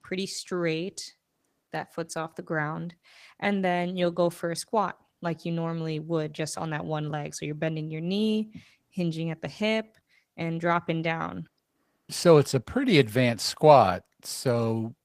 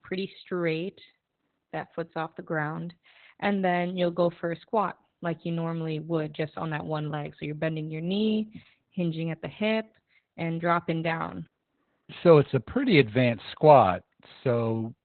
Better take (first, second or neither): first